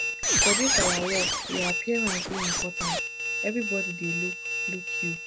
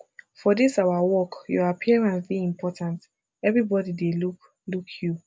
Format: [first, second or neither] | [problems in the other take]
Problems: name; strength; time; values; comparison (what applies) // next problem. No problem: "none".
second | background sound (Squeak); 5 dB above the speech